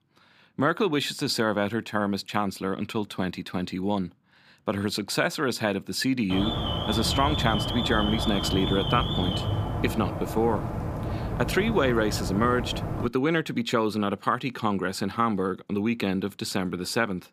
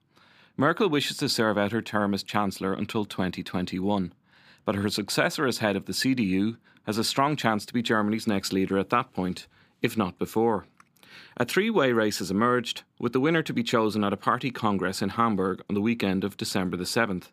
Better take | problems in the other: second | alarm; loud; from 6.5 to 13 s; peak level with the speech

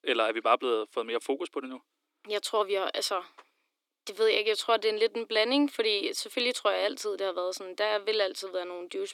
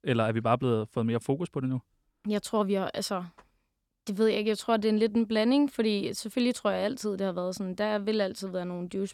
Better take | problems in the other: second | thin; somewhat; fading below 300 Hz

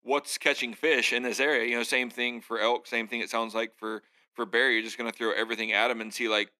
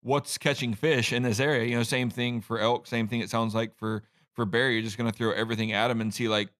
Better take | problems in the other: second | thin; somewhat; fading below 250 Hz

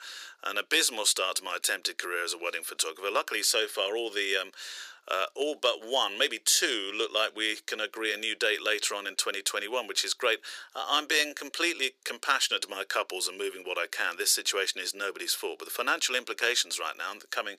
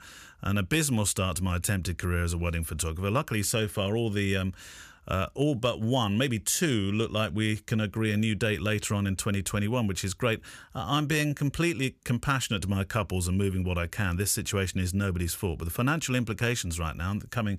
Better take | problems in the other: second | thin; very; fading below 350 Hz

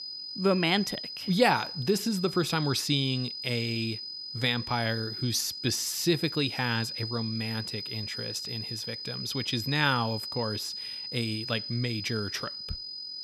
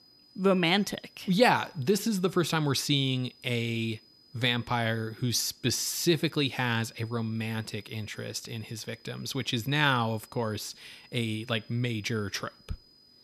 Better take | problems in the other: second | high-pitched whine; loud; throughout; 5 kHz, 6 dB below the speech; faint in the second

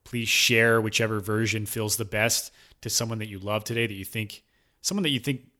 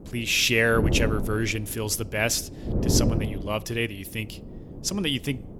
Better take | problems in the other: first | wind noise on the microphone; occasional gusts; 10 dB below the speech

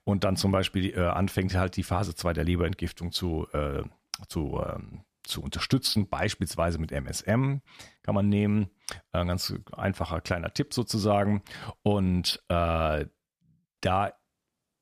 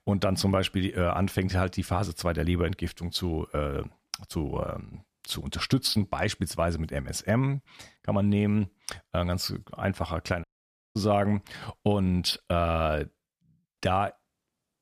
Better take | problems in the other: first | audio cutting out; at 10 s for 0.5 s

